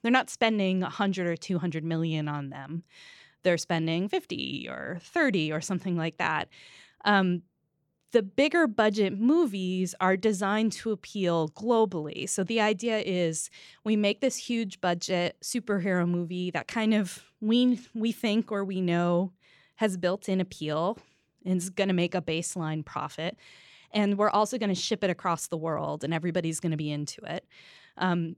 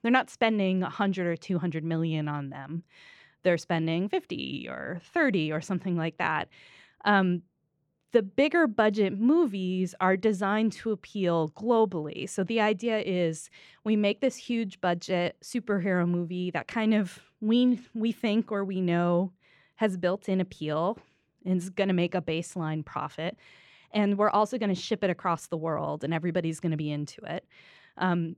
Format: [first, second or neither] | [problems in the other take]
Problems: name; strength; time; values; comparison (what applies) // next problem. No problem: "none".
first | muffled; slightly; fading above 3.5 kHz